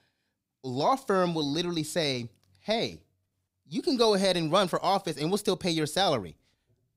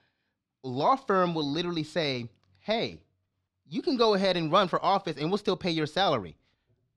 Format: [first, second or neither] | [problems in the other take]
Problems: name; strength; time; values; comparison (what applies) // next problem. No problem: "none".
first | muffled; very slightly; fading above 3.5 kHz